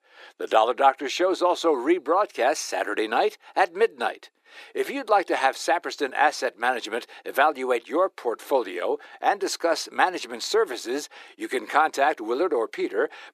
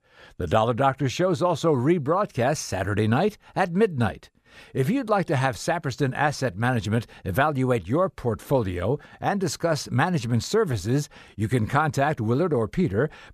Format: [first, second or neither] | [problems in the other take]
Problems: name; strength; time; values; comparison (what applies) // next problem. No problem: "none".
second | thin; very; fading below 350 Hz